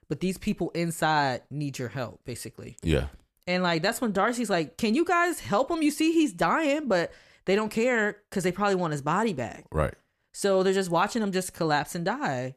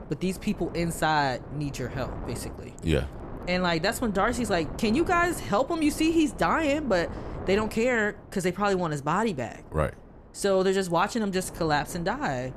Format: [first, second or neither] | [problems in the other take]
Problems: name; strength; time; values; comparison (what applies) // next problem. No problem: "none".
first | wind noise on the microphone; occasional gusts; 15 dB below the speech